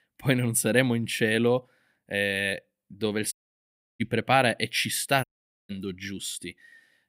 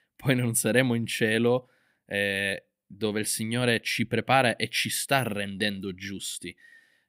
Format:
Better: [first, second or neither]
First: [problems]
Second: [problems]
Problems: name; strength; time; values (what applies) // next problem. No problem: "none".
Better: second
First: audio cutting out; at 3.5 s for 0.5 s and at 5 s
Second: none